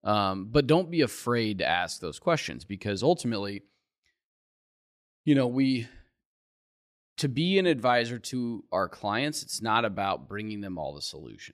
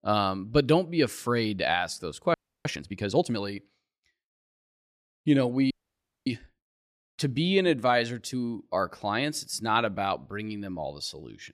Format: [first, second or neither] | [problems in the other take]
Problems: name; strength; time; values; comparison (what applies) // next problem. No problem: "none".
first | audio freezing; at 2.5 s and at 5.5 s for 0.5 s